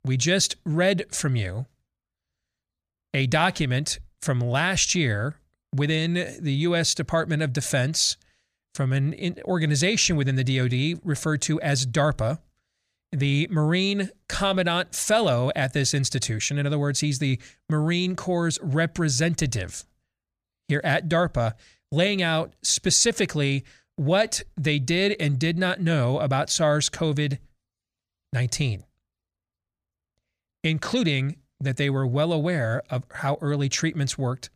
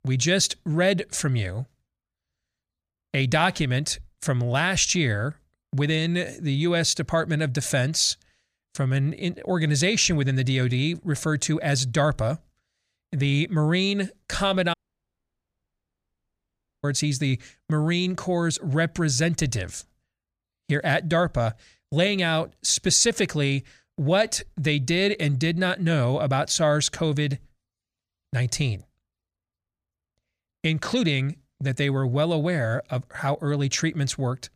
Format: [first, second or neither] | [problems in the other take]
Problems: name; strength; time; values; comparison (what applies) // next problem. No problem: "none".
first | audio cutting out; at 15 s for 2 s